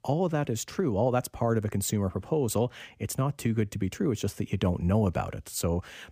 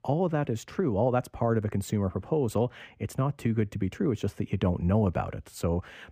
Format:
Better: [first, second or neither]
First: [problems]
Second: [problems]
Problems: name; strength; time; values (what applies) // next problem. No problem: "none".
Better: first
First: none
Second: muffled; slightly; fading above 3.5 kHz